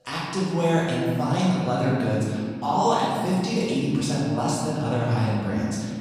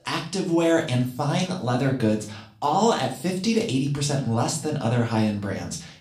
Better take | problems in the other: second | room echo; strong; dies away in 2.1 s; slight in the second // off-mic speech; far; somewhat distant in the second

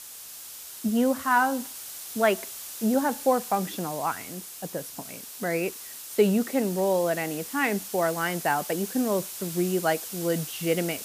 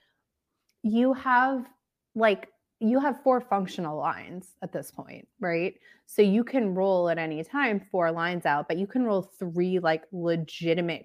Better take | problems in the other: second | hiss; loud; throughout; 9 dB below the speech

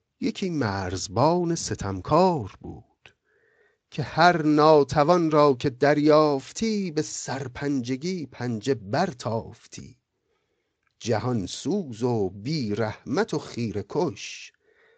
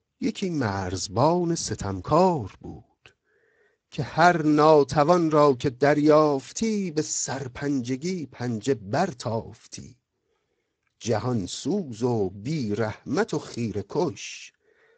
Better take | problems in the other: first | garbled, watery; badly; nothing above 7.5 kHz; slightly in the first

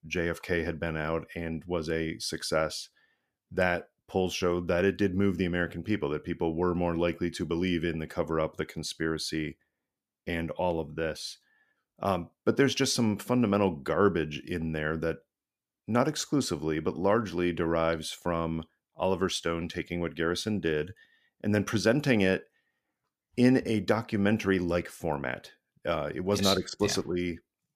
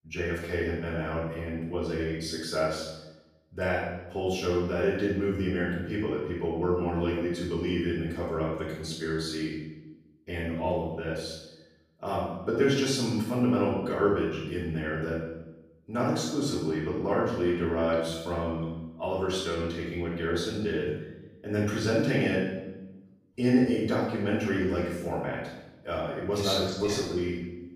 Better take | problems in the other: first | off-mic speech; far // room echo; noticeable; dies away in 0.9 s

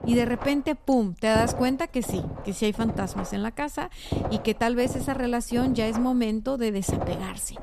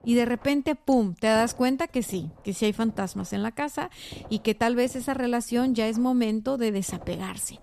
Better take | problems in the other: second | low rumble; loud; throughout; 9 dB below the speech; faint in the second

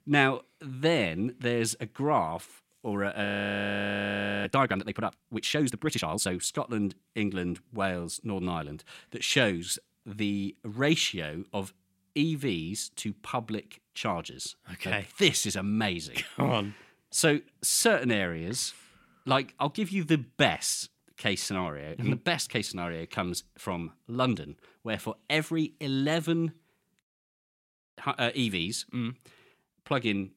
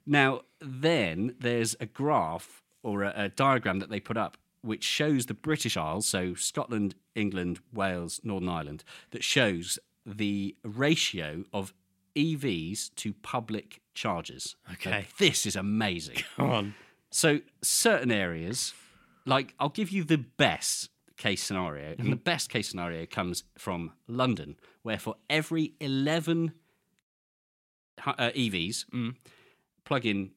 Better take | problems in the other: second | audio freezing; at 3.5 s for 1 s

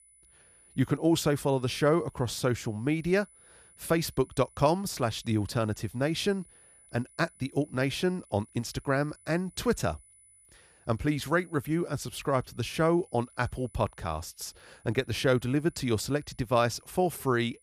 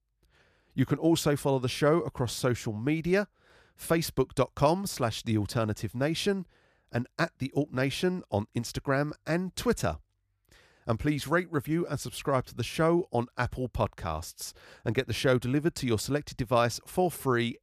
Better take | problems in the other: second | high-pitched whine; faint; throughout; 10 kHz, 25 dB below the speech

